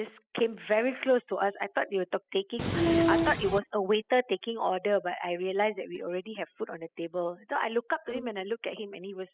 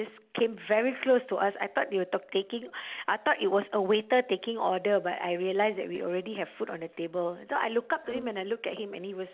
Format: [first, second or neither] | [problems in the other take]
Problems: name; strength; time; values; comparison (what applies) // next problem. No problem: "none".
second | noise reduction (classical method spectral subtraction)